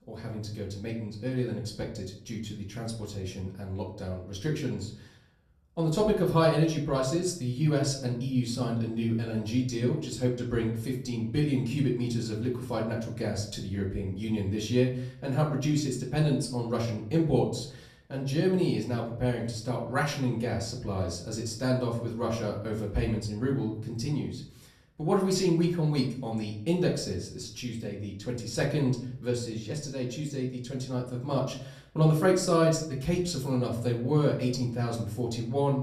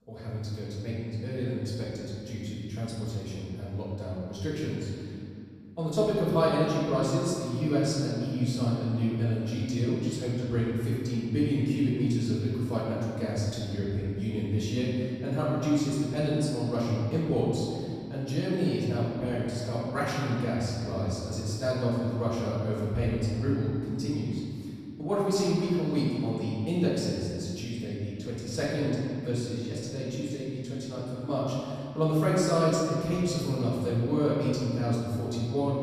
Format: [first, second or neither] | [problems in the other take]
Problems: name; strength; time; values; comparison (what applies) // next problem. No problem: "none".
first | room echo; strong; dies away in 2.3 s; slight in the first // off-mic speech; far; far in the first